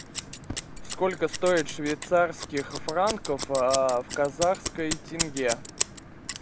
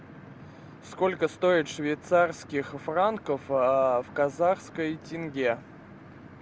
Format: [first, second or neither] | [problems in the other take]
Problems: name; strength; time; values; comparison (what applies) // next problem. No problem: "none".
second | background sound (Scissors); 7 dB below the speech